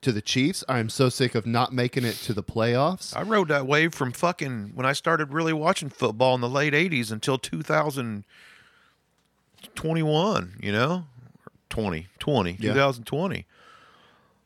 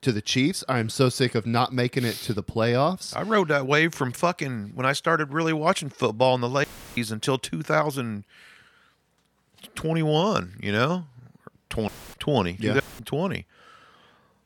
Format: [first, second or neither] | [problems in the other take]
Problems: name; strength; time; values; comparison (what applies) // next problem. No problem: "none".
first | audio cutting out; filled with static; at 6.5 s, at 12 s and at 13 s